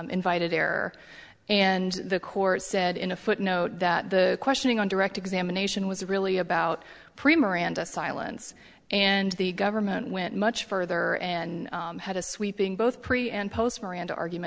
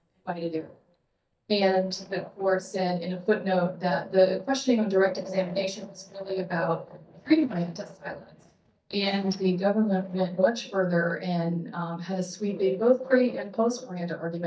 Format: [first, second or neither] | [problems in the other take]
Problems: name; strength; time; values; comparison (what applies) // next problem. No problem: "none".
first | noise reduction (neural mask model DeepFilterNet 3)